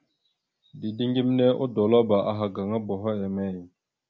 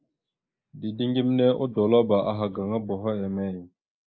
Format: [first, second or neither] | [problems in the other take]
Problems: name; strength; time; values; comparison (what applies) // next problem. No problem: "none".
first | noise reduction (neural mask model Resemble Enhance denoiser)